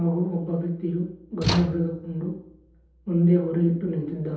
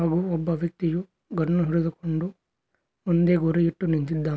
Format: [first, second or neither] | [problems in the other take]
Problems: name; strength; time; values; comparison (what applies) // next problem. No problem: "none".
second | background sound (Slam / Tools); 7 dB below the speech // room echo; dies away in 2.2 s